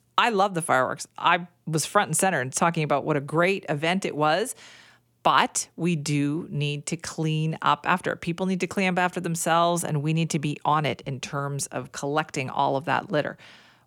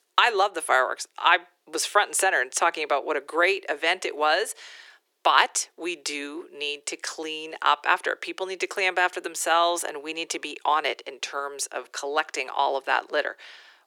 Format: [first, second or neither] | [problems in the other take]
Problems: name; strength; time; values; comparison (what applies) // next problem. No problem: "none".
first | thin; very; fading below 350 Hz